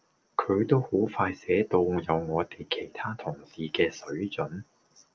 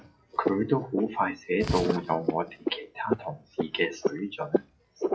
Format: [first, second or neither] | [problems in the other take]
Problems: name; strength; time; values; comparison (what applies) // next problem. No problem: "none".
first | noise reduction (classical method WPE with log-MMSE)